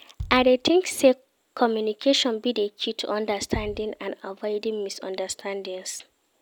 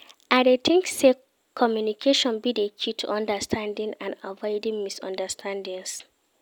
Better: second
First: background sound (Bass drum); 18 dB below the speech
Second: none

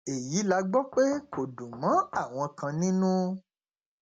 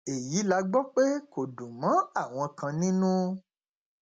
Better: second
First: background sound (Knock / Wood); 16 dB below the speech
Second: none

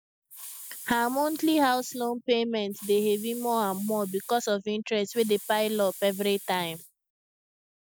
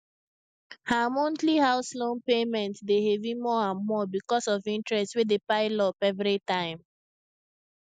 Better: second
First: background sound (Hiss); 15 dB below the speech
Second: none

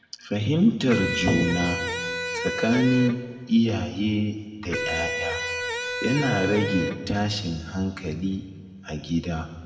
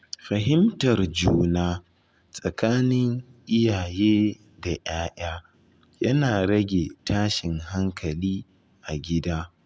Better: second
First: background sound (Electric guitar); 5 dB below the speech // room echo; dies away in 1.5 s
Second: none

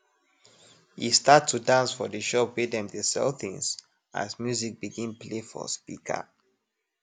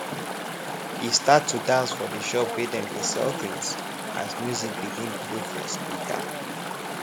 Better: first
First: none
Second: background sound (Chatter / Stream); 4 dB below the speech

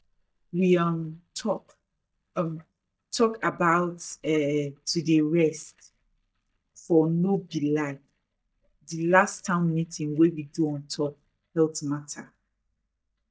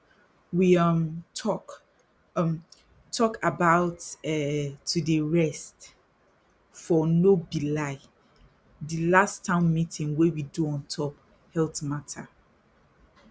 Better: second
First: noise reduction (neural mask model DeepFilterNet 3)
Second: none

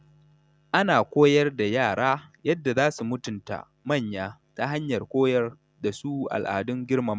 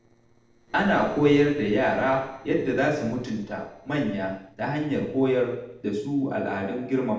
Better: first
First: none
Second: noise reduction (neural separator model SepFormer DNS4)

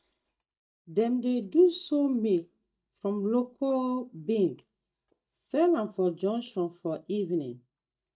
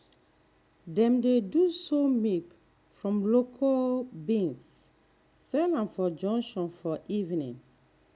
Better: second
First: noise reduction (neural mask model DeepFilterNet 3)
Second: none

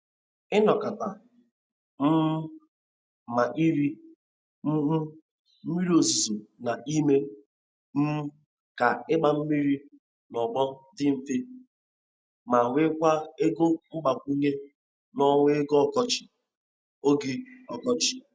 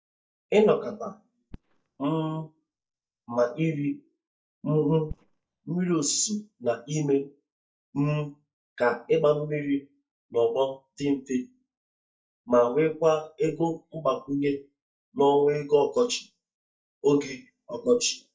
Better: first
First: none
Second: noise reduction (neural mask model DeepFilterNet 3)

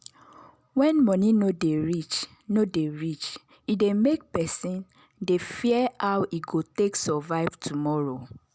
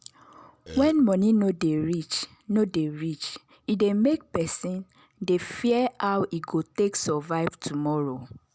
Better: first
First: none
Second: background sound (Burping, eructation); 13 dB below the speech

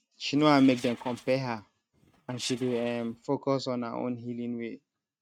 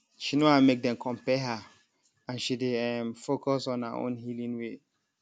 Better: second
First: noise reduction (neural mask model RNNoise)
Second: none

